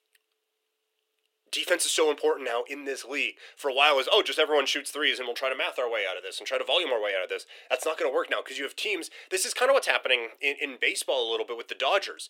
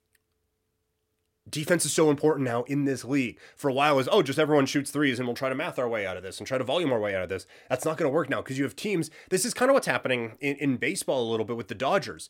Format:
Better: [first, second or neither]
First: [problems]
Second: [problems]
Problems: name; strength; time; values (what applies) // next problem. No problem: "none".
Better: second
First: thin; very; fading below 400 Hz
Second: none